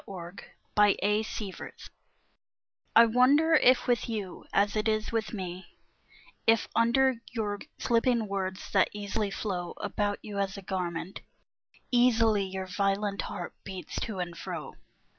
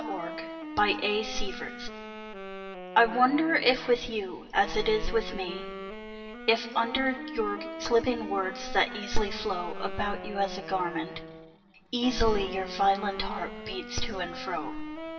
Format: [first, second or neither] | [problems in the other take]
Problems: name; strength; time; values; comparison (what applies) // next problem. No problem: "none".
first | background sound (Wind instrument, woodwind instrument); 11 dB below the speech // room echo; dies away in 2 s